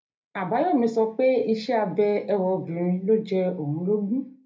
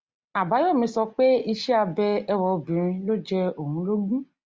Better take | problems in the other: second | room echo; dies away in 0.3 s

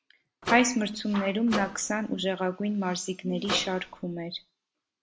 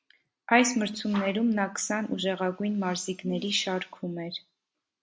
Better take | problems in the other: second | background sound (Microwave oven); 9 dB below the speech

